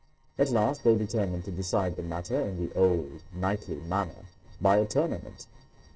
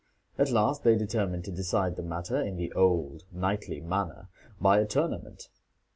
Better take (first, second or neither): second